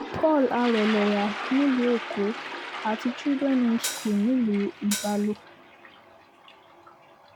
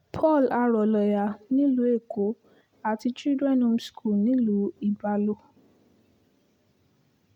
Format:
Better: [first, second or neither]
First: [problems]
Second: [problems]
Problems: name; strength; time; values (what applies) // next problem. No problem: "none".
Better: second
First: background sound (Hi-hat + Toilet flush); 10 dB below the speech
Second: none